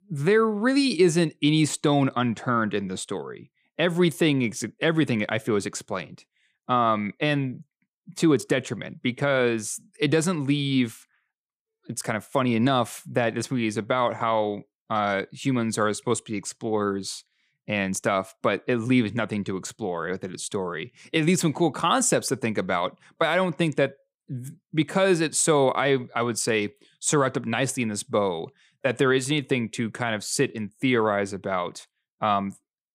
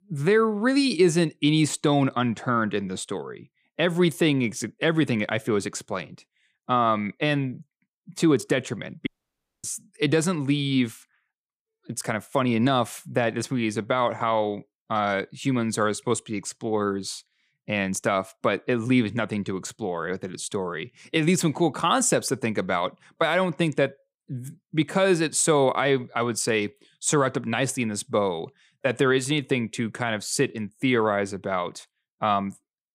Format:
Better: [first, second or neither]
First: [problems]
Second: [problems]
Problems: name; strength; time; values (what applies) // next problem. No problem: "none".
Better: first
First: none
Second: audio cutting out; at 9 s for 0.5 s